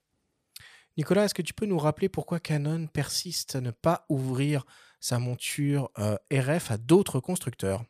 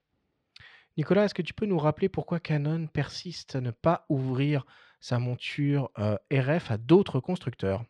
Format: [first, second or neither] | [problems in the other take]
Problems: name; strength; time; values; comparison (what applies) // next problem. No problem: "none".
first | muffled; slightly; fading above 4 kHz